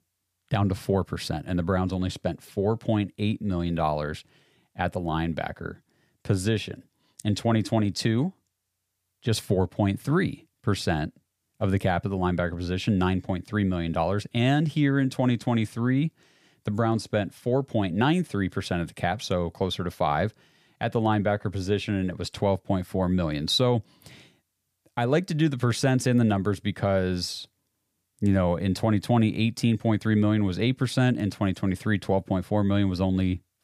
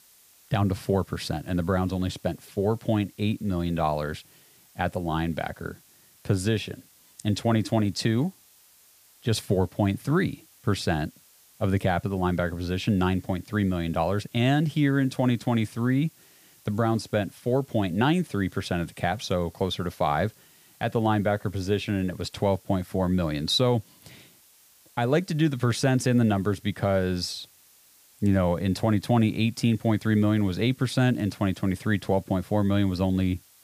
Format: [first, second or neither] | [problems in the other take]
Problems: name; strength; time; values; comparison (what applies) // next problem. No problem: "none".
first | hiss; faint; throughout; 30 dB below the speech